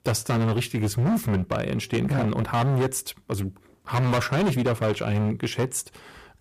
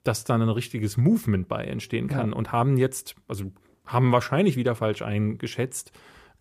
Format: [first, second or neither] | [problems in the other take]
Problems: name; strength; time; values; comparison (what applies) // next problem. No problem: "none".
second | distortion; heavy; 19% of the sound clipped